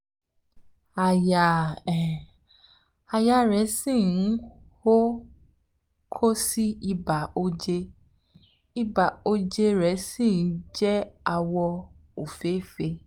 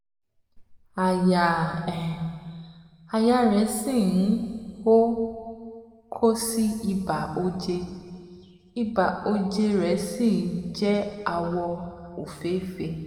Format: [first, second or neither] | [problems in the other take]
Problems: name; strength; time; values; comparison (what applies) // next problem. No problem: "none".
first | room echo; dies away in 1.9 s